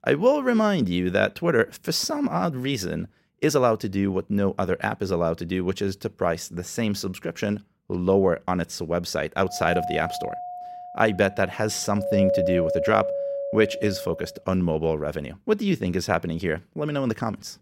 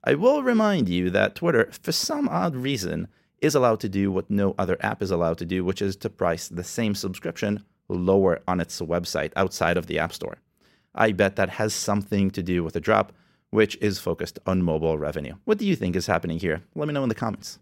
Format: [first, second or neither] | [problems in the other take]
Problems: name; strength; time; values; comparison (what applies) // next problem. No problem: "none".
second | doorbell; loud; from 9.5 to 14 s; peak 2 dB above the speech